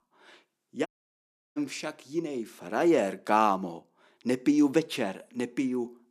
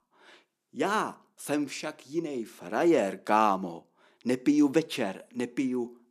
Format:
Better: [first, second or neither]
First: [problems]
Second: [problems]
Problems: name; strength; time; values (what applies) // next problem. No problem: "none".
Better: second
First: audio cutting out; at 1 s for 0.5 s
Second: none